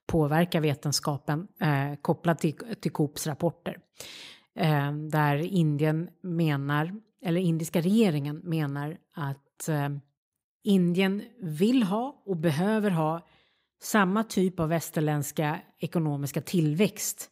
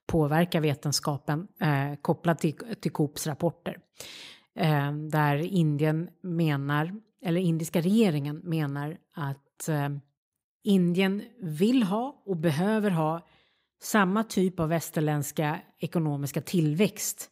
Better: neither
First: none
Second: none

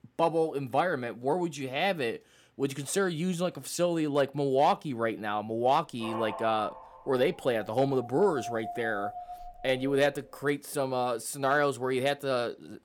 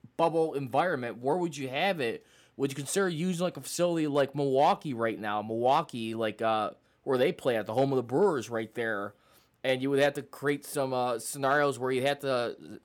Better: second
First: dog barking; noticeable; from 6 to 10 s; peak 8 dB below the speech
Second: none

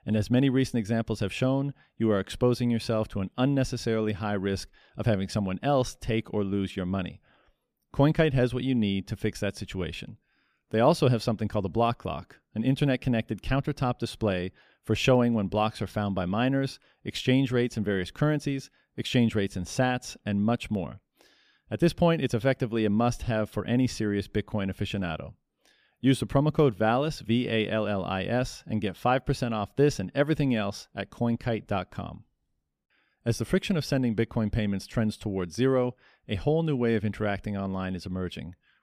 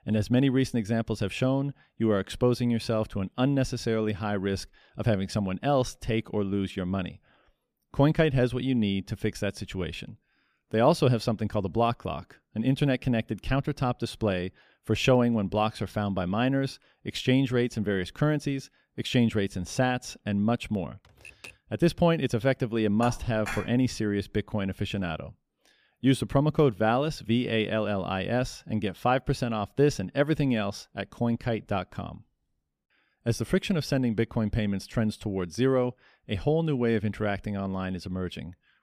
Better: first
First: none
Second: keyboard typing; faint; at 21 s; peak 20 dB below the speech // clattering dishes; noticeable; at 23 s; peak 9 dB below the speech

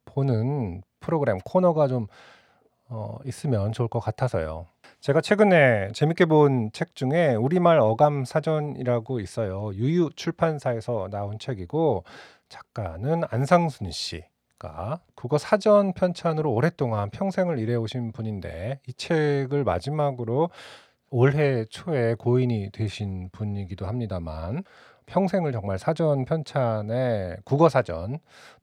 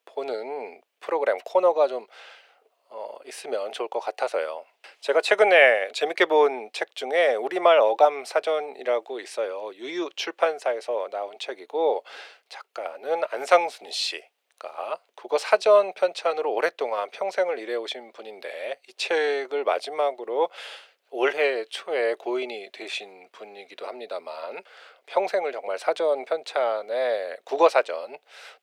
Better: first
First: none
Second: thin; very; fading below 400 Hz

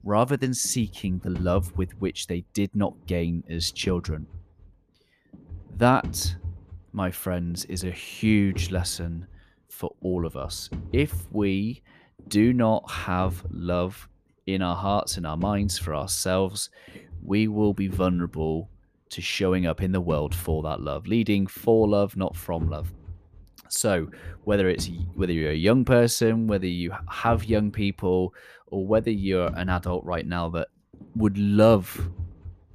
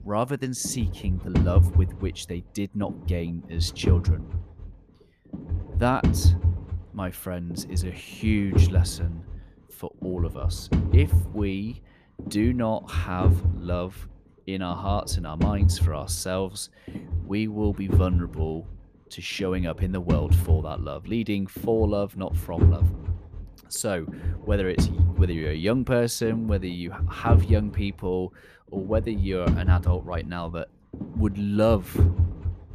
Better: first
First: low rumble; faint; throughout; 25 dB below the speech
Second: low rumble; loud; throughout; 8 dB below the speech

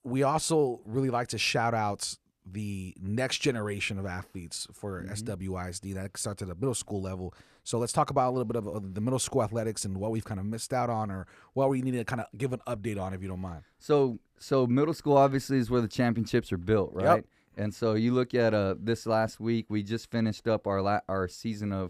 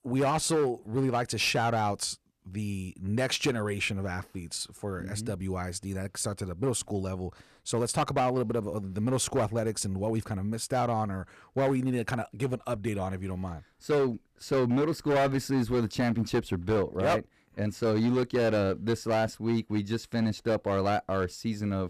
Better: first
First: none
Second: distortion; slight; 7% of the sound clipped

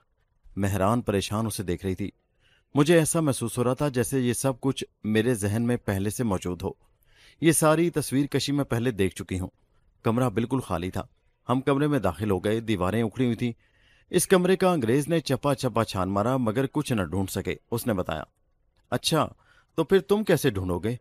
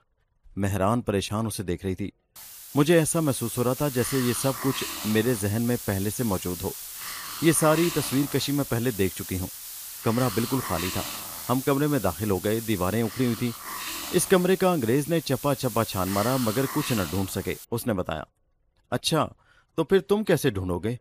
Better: first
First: none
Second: hiss; loud; from 2.5 to 18 s; 8 dB below the speech

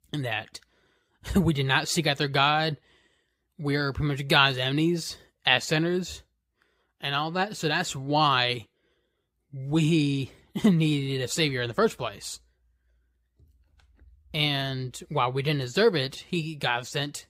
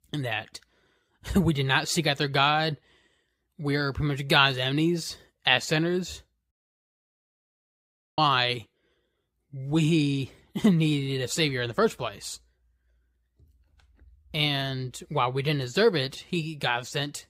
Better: first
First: none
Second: audio cutting out; at 6.5 s for 1.5 s

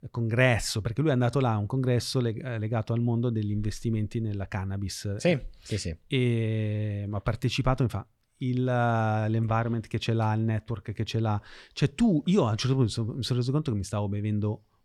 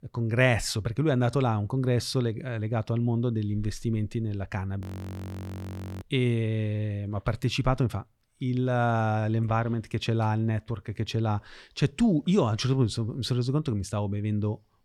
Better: first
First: none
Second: audio freezing; at 5 s for 1 s

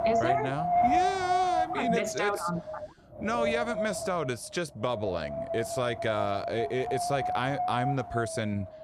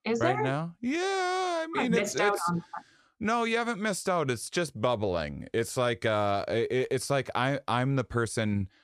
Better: second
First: wind noise on the microphone; heavy; 1 dB above the speech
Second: none

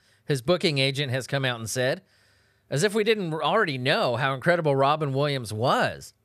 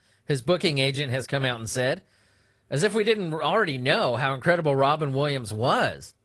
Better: first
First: none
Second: garbled, watery; slightly

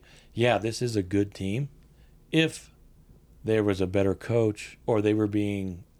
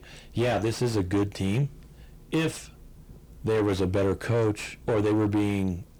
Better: first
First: none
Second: distortion; heavy; 6 dB below the speech

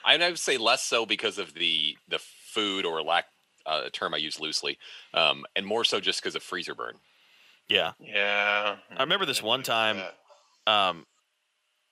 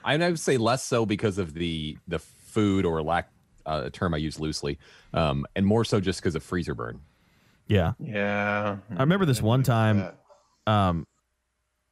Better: second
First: thin; very; fading below 500 Hz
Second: none

